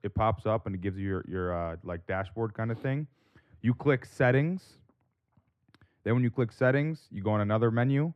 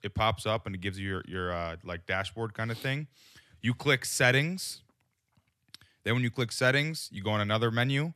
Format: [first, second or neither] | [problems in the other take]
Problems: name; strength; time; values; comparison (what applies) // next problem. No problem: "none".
second | muffled; very; fading above 2.5 kHz